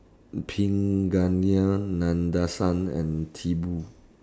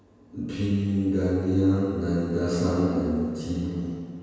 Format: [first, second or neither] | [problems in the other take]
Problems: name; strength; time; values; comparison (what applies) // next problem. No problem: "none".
first | room echo; dies away in 1.9 s